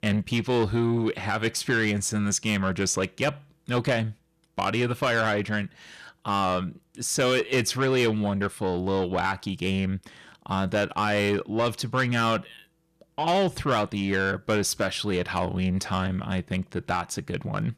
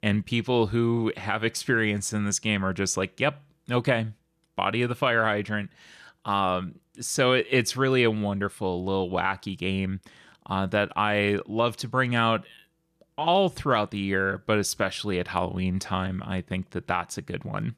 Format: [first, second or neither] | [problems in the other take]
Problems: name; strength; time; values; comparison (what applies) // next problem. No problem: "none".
second | distortion; slight; 10 dB below the speech